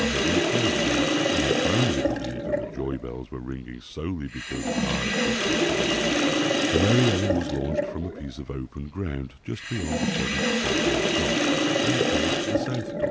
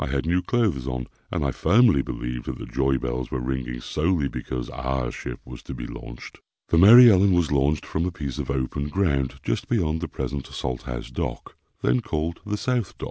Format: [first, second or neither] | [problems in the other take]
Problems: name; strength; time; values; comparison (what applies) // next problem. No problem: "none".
second | background sound (Sink (filling or washing)); 5 dB above the speech